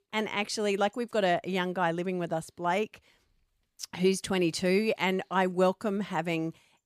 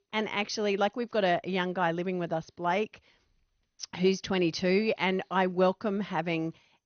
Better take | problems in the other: first | garbled, watery; slightly; nothing above 6.5 kHz

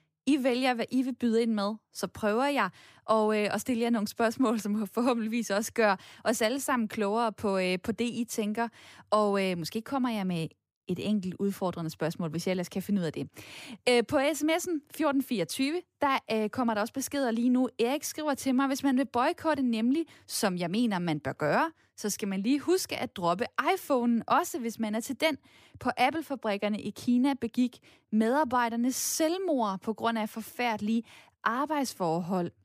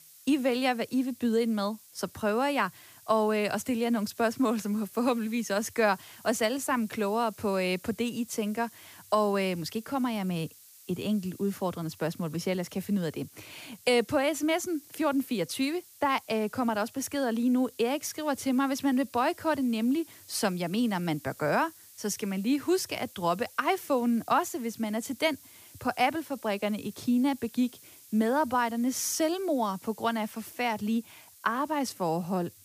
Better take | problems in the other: first | hiss; faint; throughout; 20 dB below the speech

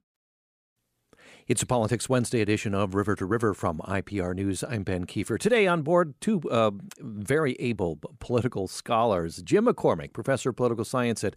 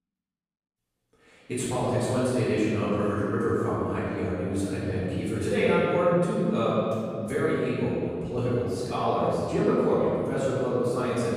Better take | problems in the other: first | room echo; strong; dies away in 2.5 s // off-mic speech; far

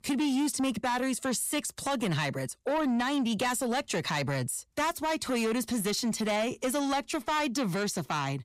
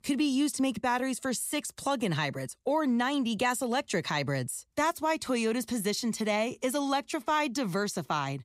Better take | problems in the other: second | distortion; slight; 10 dB below the speech

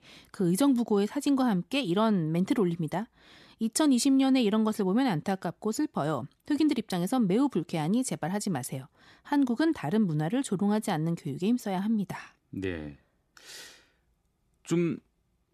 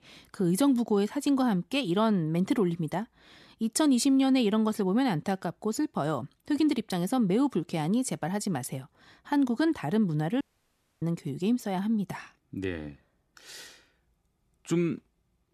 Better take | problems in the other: first | audio cutting out; at 10 s for 0.5 s

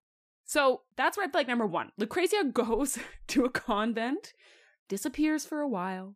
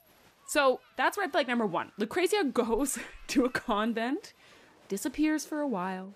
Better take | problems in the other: first | crowd noise; faint; throughout; 30 dB below the speech

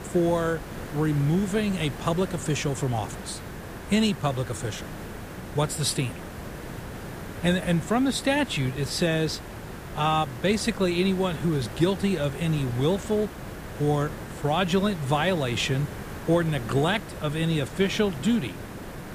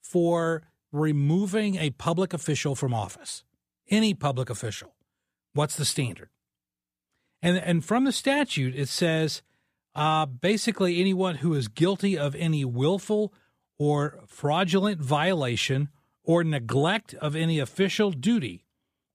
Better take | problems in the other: second | hiss; noticeable; throughout; 10 dB below the speech

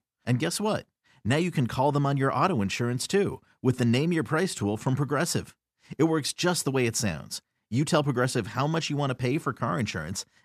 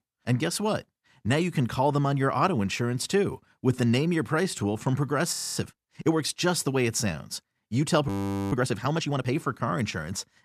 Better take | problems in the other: first | audio freezing; at 5.5 s and at 8 s

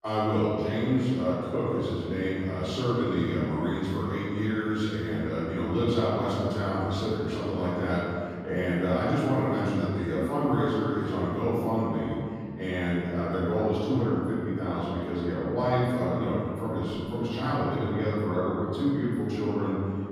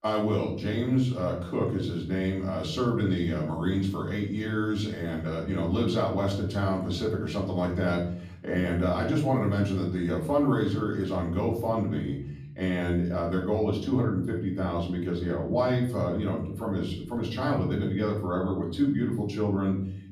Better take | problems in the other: second | room echo; strong; dies away in 2.1 s; slight in the second // off-mic speech; far; far in the second

